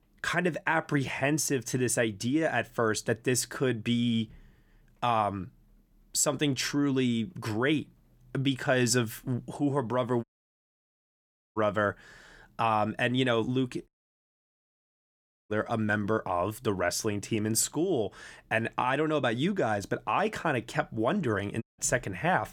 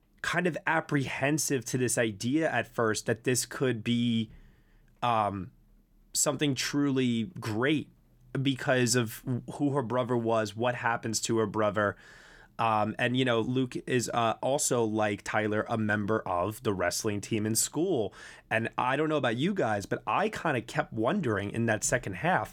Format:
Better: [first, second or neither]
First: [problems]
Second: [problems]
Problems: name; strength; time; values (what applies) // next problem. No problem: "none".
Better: second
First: audio cutting out; at 10 s for 1.5 s, at 14 s for 1.5 s and at 22 s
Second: none